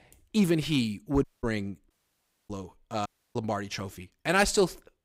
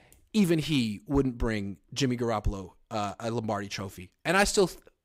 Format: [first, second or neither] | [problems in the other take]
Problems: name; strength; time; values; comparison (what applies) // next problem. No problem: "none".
second | audio cutting out; at 1 s, at 2 s for 0.5 s and at 3 s